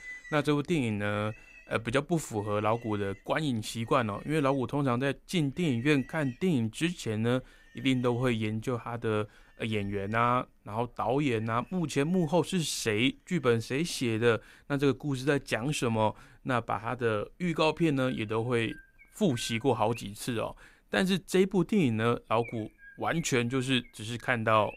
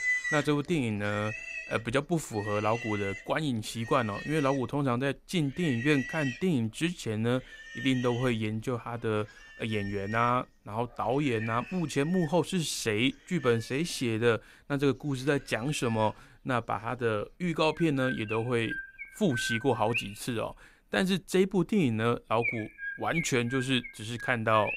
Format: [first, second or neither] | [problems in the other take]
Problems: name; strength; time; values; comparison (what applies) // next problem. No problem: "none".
first | animal sounds; loud; throughout; 9 dB below the speech; faint in the first